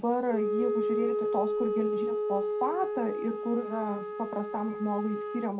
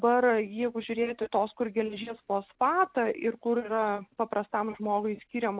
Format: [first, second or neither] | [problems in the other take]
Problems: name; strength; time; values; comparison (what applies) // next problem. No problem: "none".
second | background sound (Wind instrument, woodwind instrument); as loud as the speech // room echo; dies away in 0.2 s